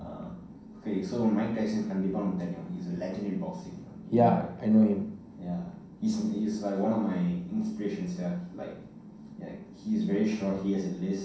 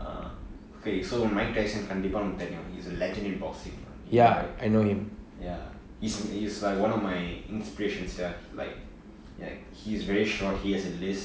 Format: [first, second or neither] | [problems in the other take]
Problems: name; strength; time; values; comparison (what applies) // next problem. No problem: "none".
second | room echo; dies away in 0.6 s